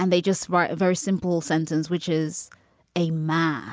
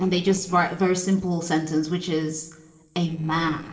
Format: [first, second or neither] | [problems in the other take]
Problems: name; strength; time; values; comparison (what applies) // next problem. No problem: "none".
first | noise reduction (neural separator model SepFormer DNS4)